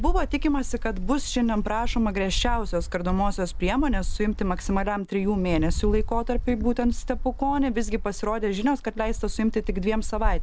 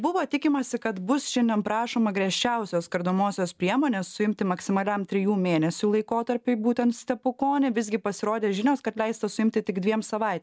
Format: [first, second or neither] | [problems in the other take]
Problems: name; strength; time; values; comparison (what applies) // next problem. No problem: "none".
second | background sound (Wind); 2 dB below the speech